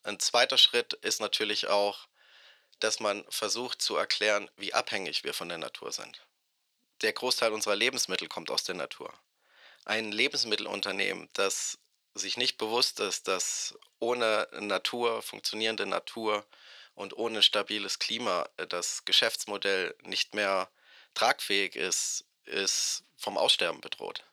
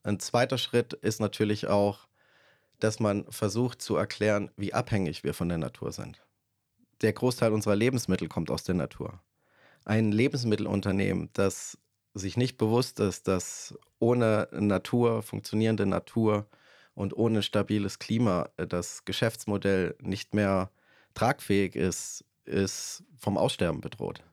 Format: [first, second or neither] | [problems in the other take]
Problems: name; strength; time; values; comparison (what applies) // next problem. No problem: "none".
second | thin; very; fading below 600 Hz